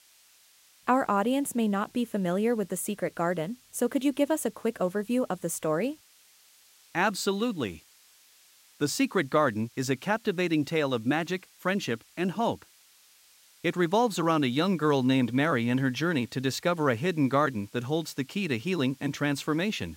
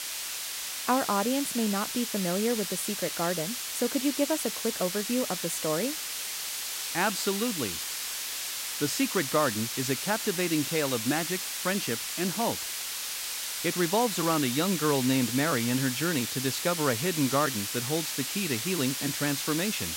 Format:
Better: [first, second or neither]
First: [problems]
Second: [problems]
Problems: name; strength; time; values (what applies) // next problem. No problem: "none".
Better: first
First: hiss; faint; throughout; 30 dB below the speech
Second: hiss; loud; throughout; 2 dB below the speech